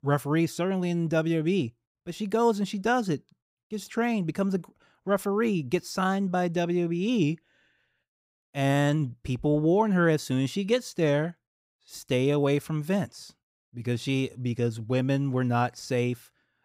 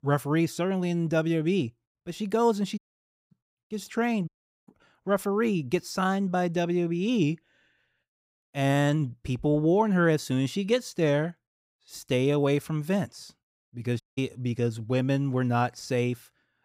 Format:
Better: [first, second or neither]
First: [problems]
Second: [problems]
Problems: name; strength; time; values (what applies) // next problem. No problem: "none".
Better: first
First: none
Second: audio cutting out; at 3 s for 0.5 s, at 4.5 s and at 14 s